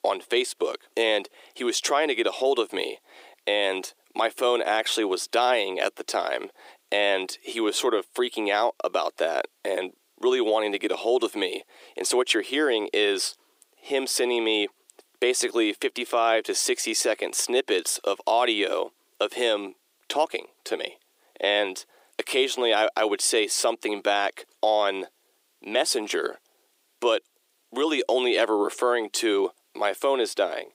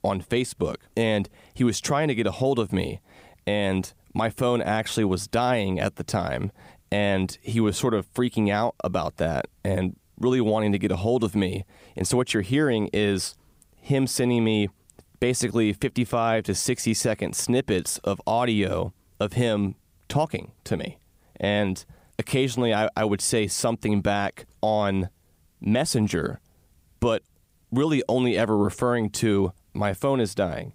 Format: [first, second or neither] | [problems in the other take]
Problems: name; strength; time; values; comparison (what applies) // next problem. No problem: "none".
second | thin; very; fading below 350 Hz